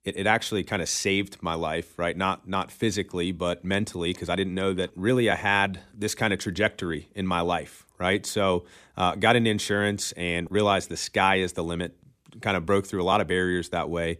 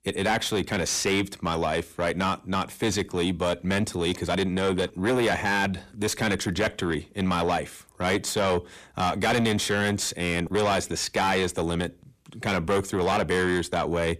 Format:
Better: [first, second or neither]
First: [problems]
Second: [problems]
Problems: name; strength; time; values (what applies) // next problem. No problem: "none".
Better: first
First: none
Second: distortion; heavy; 6 dB below the speech